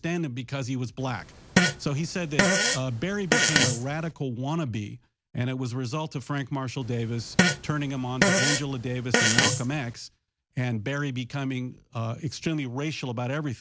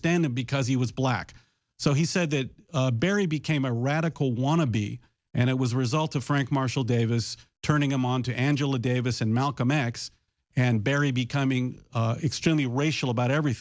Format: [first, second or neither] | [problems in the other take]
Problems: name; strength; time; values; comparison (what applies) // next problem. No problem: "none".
second | background sound (Fart); 4 dB above the speech